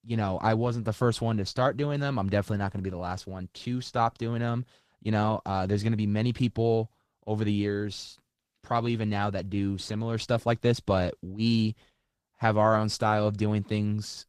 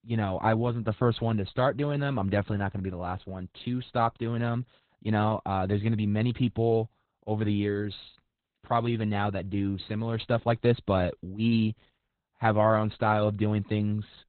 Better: first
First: garbled, watery; slightly; nothing above 14.5 kHz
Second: garbled, watery; badly; nothing above 4 kHz

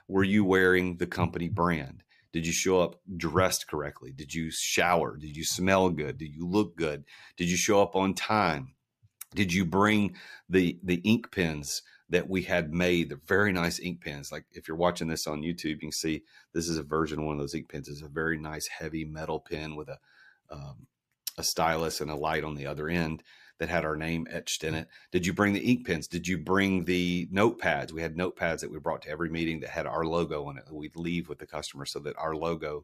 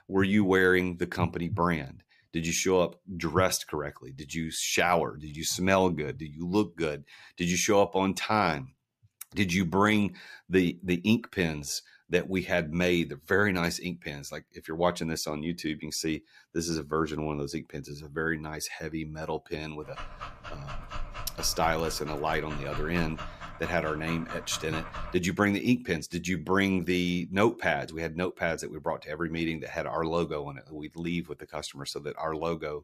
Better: first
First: none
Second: dog barking; faint; from 20 to 25 s; peak 10 dB below the speech

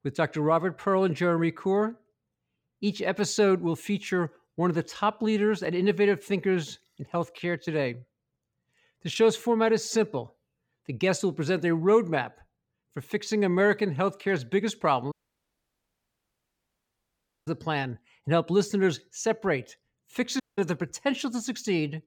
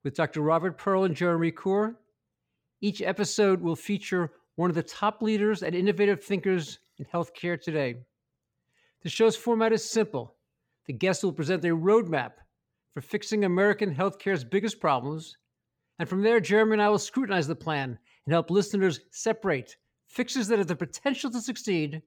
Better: second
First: audio cutting out; at 15 s for 2.5 s and at 20 s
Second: none

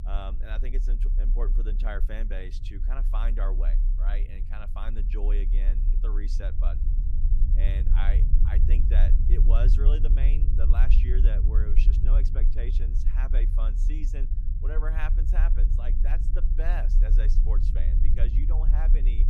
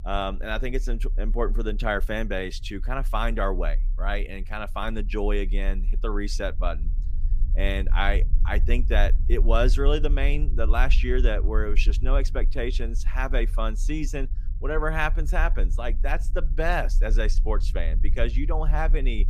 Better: second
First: low rumble; loud; throughout; 6 dB below the speech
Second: low rumble; faint; throughout; 20 dB below the speech

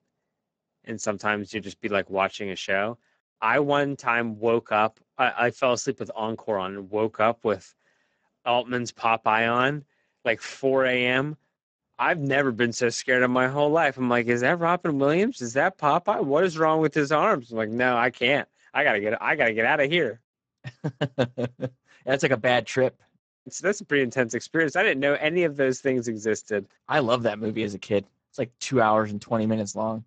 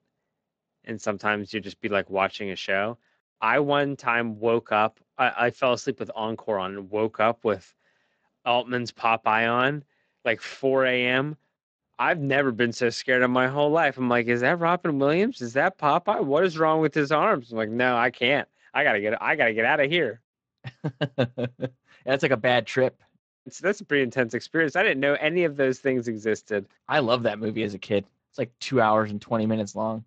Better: second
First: garbled, watery; badly; nothing above 7.5 kHz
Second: garbled, watery; slightly; nothing above 7.5 kHz

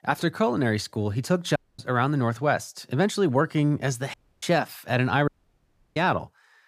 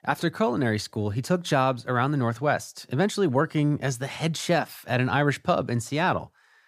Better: second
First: audio cutting out; at 1.5 s, at 4 s and at 5.5 s for 0.5 s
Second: none

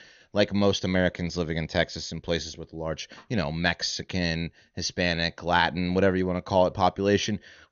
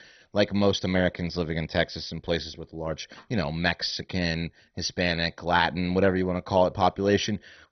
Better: first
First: garbled, watery; slightly; nothing above 6.5 kHz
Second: garbled, watery; badly; nothing above 6 kHz

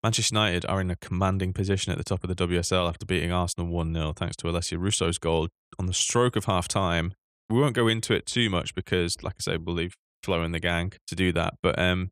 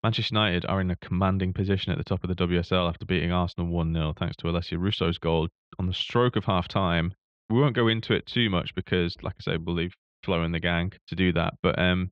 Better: first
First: none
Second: muffled; slightly; fading above 4 kHz

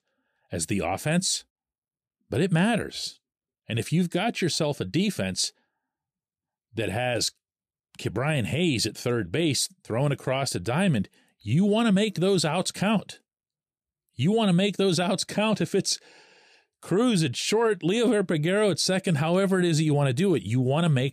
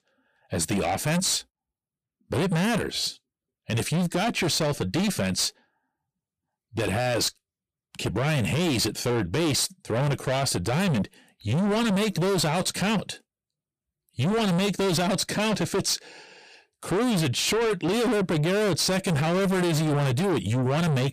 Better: first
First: none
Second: distortion; heavy; 7 dB below the speech

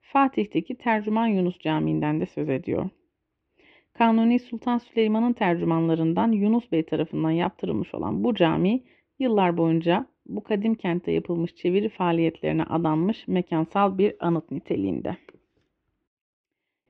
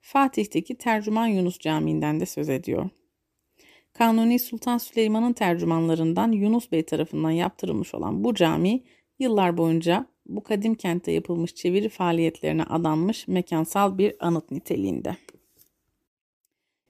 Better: second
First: muffled; very; fading above 3 kHz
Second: none

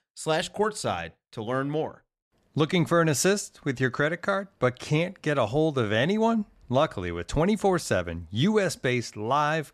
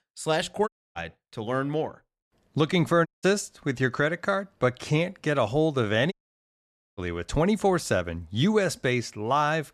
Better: first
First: none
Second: audio cutting out; at 0.5 s, at 3 s and at 6 s for 1 s

